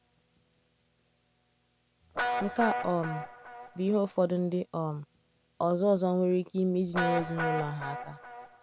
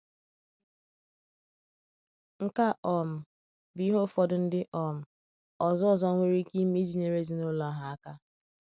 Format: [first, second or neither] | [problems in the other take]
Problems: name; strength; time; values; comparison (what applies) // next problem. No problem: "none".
second | background sound (Guitar); 7 dB below the speech